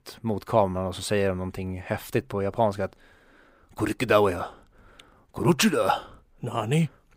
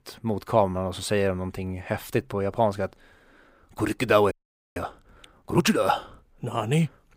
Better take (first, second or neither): first